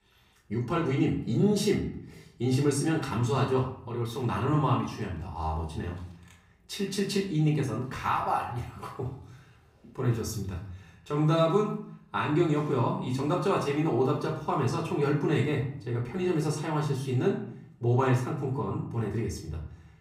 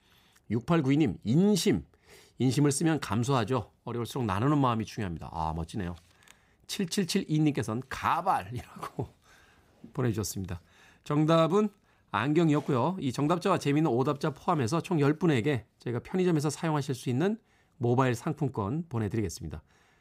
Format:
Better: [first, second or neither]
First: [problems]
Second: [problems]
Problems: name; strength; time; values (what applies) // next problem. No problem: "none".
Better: second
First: off-mic speech; far // room echo; slight; dies away in 0.6 s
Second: none